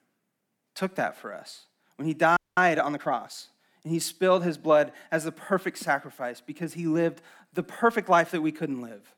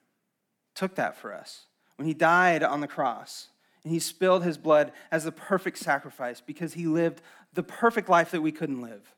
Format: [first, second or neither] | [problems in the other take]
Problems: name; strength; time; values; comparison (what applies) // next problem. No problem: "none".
second | audio freezing; at 2.5 s